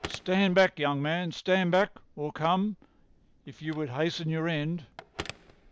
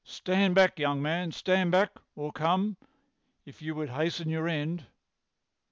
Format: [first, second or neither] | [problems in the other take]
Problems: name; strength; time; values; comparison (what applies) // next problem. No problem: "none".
second | background sound (Telephone); 19 dB below the speech